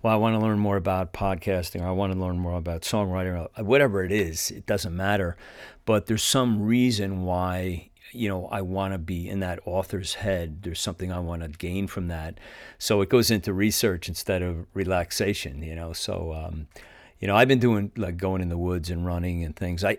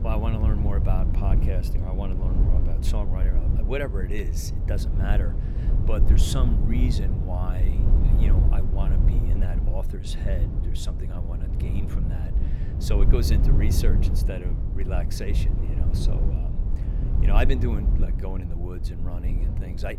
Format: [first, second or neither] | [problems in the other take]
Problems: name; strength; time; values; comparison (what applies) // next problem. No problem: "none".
first | low rumble; loud; throughout; 3 dB below the speech